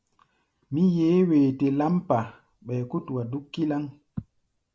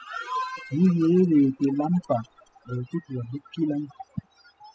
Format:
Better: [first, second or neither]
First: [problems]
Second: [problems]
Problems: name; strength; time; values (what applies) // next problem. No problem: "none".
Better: first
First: none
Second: noise reduction (classical method spectral subtraction)